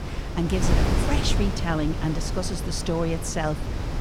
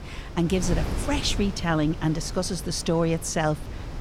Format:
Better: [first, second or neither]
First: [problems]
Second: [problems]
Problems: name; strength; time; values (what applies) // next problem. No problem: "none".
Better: second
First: wind noise on the microphone; heavy; 3 dB below the speech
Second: wind noise on the microphone; occasional gusts; 10 dB below the speech